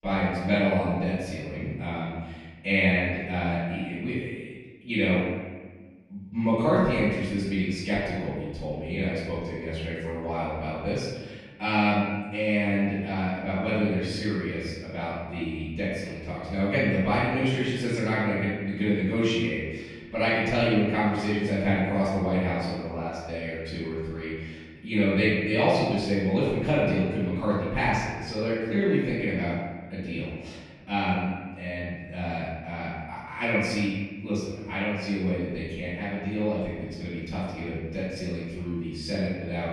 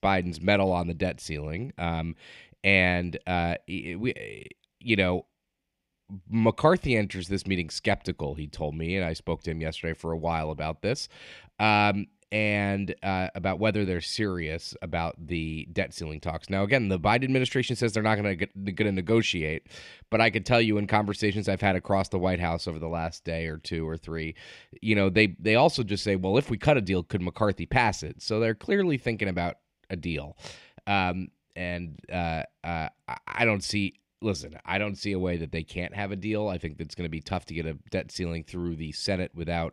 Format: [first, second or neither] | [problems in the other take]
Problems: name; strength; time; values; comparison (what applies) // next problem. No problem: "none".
second | off-mic speech; far // room echo; strong; dies away in 1.3 s